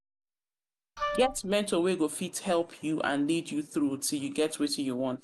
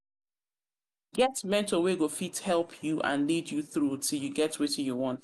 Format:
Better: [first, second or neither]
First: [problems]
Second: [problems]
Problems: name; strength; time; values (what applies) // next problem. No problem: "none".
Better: second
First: background sound (Wind instrument, woodwind instrument); 6 dB below the speech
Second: none